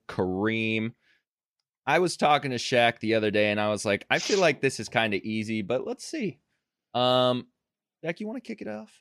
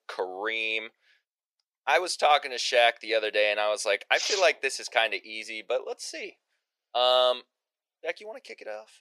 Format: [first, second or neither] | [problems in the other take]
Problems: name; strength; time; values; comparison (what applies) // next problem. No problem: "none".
first | thin; very; fading below 500 Hz